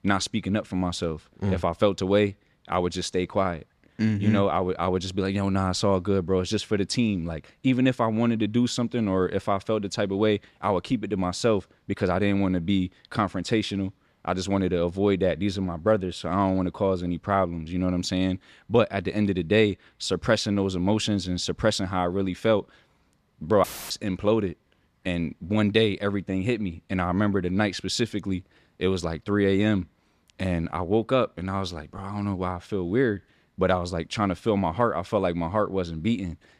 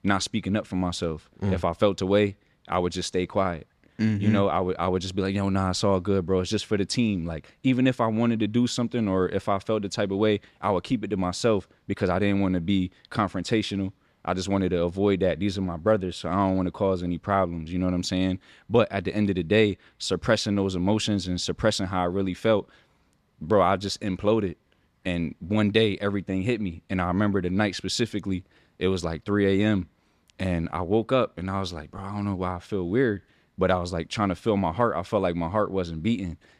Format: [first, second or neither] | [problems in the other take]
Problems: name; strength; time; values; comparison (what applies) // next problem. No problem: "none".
second | audio cutting out; filled with static; at 24 s